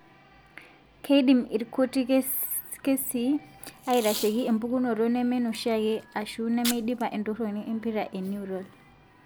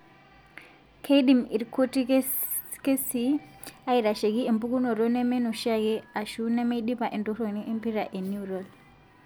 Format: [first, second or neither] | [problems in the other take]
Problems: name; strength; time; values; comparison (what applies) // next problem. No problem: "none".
second | background sound (Packing tape, duct tape); 13 dB below the speech